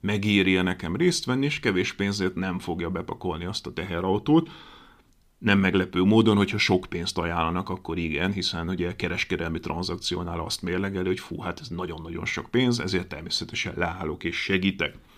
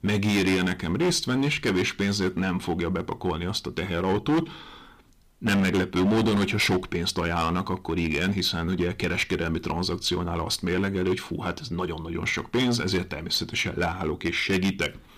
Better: first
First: none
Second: distortion; heavy; 10% of the sound clipped

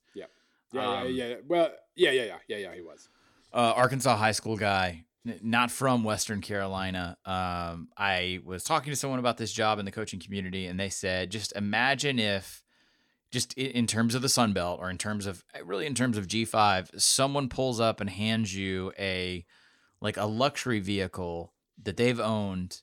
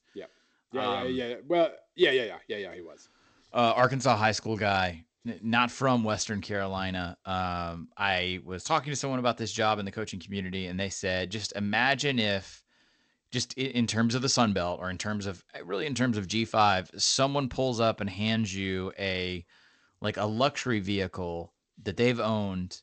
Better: first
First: none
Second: garbled, watery; slightly; nothing above 8 kHz

